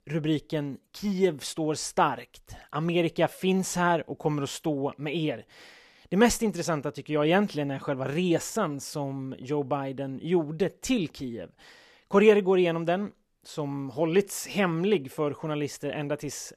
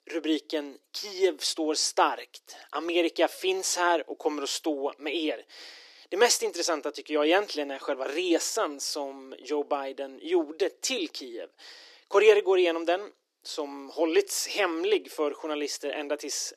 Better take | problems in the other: first | thin; somewhat; fading below 300 Hz

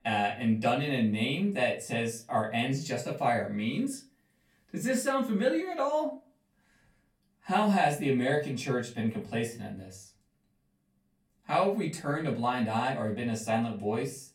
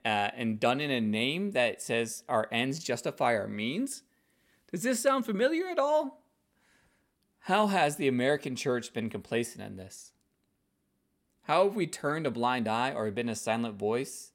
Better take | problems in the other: second | off-mic speech; far // room echo; very slight; dies away in 0.3 s

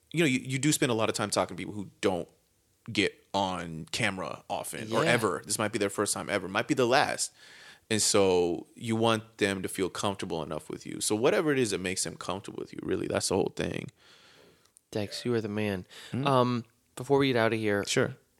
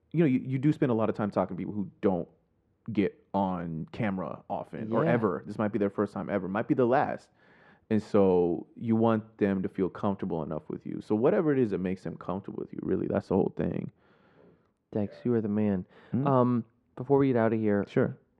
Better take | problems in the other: first | muffled; very; fading above 3.5 kHz

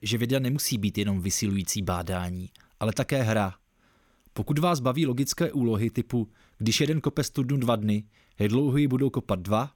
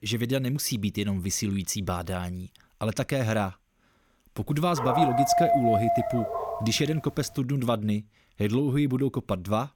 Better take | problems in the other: first | dog barking; loud; from 5 to 6.5 s; peak 5 dB above the speech

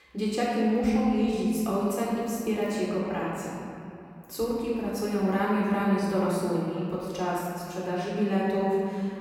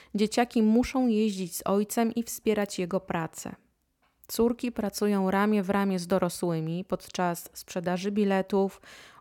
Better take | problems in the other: second | room echo; strong; dies away in 2.6 s // off-mic speech; far

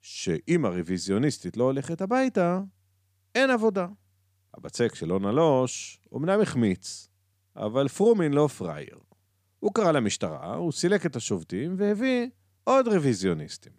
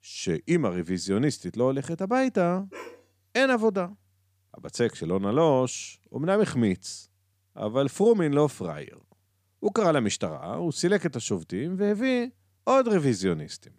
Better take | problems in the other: first | dog barking; faint; at 2.5 s; peak 15 dB below the speech

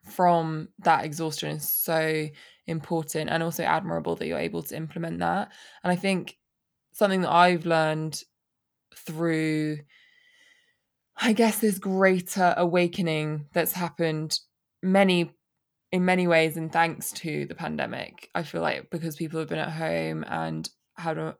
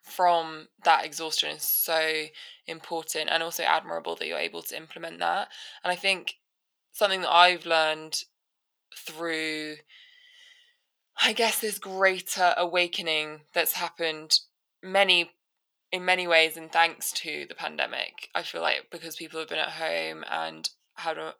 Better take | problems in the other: first | thin; very; fading below 550 Hz

